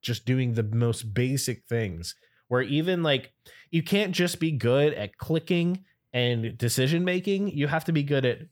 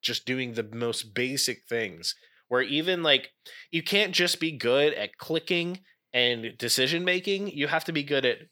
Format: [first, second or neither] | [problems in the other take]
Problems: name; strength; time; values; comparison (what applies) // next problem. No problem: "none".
first | thin; somewhat; fading below 300 Hz